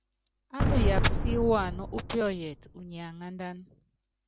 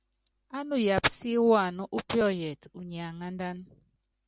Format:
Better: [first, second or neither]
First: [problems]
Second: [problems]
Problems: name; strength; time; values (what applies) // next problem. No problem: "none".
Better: second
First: background sound (Boom); 4 dB above the speech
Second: none